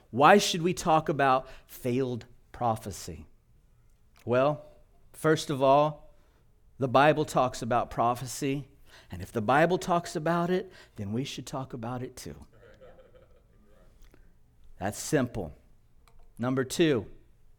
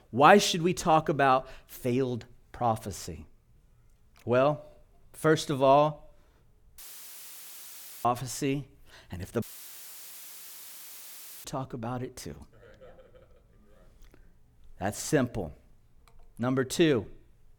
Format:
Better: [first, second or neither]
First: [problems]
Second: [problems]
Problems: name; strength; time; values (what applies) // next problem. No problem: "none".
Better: first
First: none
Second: audio cutting out; filled with static; at 7 s for 1.5 s and at 9.5 s for 2 s